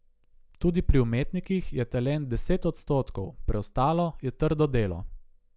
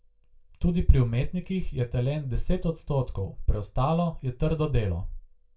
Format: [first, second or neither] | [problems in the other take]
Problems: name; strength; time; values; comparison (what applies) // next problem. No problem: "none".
first | room echo; dies away in 0.2 s